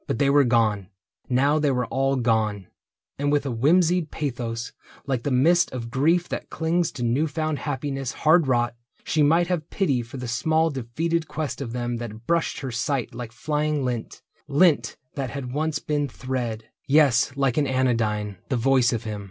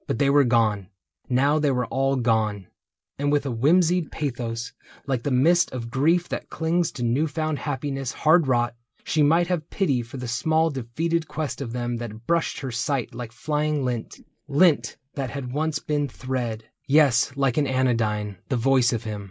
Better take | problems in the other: first | noise reduction (neural mask model Resemble Enhance denoiser)

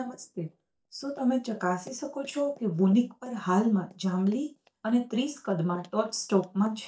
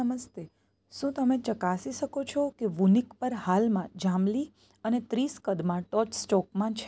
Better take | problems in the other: second | noise reduction (neural mask model DeepFilterNet 3)

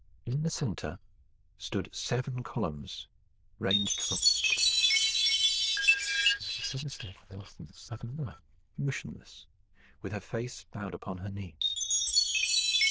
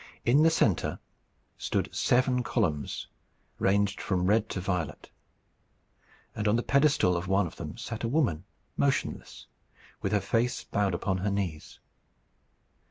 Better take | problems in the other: second | noise reduction (neural diffusion model UNIVERSE++)

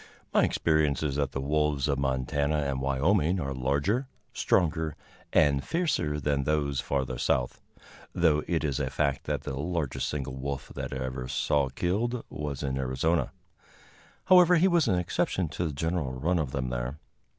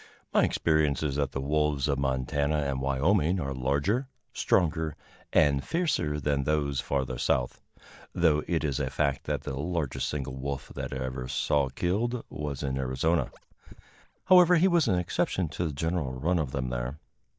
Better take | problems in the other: first | noise reduction (neural mask model DeepFilterNet 3)

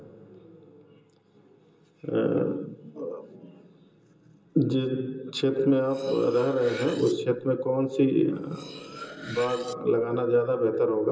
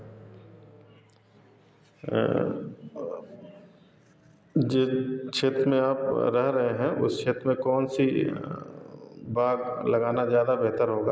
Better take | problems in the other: second | background sound (Cutlery, silverware); 16 dB below the speech // room echo; dies away in 0.2 s

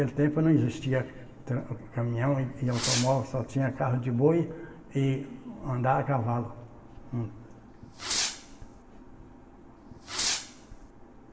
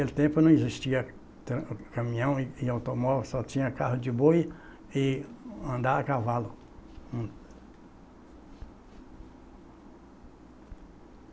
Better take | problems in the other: second | background sound (Fireworks); 5 dB below the speech // room echo; dies away in 3 s

